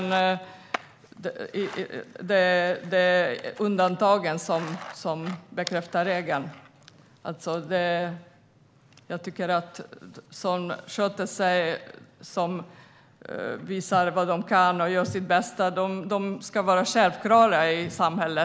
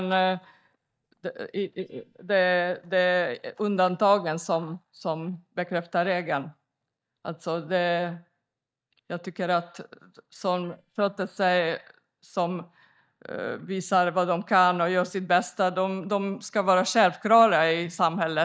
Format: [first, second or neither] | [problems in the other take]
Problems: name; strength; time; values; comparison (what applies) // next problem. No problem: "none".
first | noise reduction (neural mask model DeepFilterNet 3)